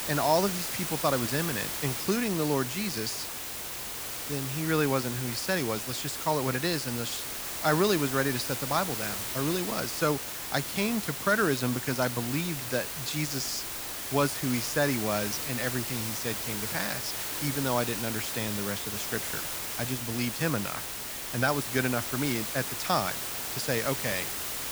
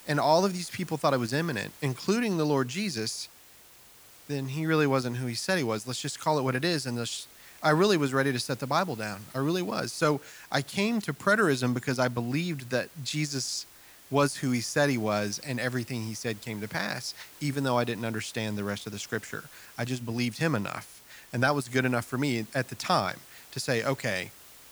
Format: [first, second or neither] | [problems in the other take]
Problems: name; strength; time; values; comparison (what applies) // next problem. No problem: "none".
second | hiss; loud; throughout; 2 dB below the speech; faint in the second